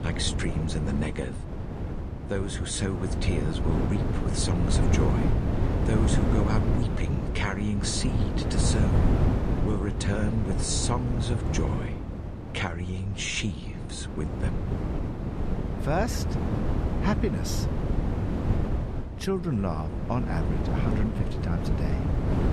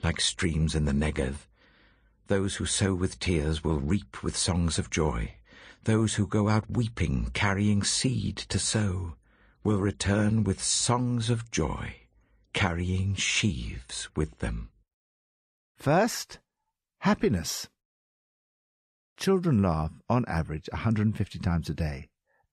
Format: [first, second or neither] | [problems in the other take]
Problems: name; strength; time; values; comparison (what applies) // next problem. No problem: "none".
second | wind noise on the microphone; heavy; 2 dB below the speech